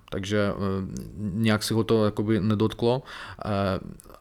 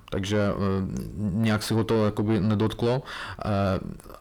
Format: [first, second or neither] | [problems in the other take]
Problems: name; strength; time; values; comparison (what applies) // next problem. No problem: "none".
first | distortion; slight; 10 dB below the speech